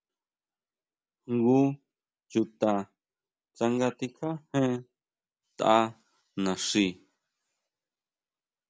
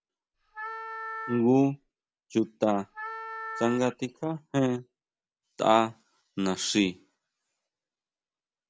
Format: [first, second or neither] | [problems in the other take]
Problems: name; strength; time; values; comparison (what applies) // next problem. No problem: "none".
first | background sound (Wind instrument, woodwind instrument); 10 dB below the speech